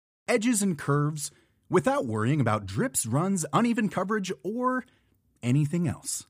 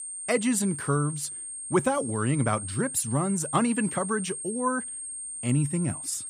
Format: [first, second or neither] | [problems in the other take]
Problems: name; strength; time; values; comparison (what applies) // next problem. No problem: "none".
first | high-pitched whine; loud; throughout; 8.5 kHz, 6 dB below the speech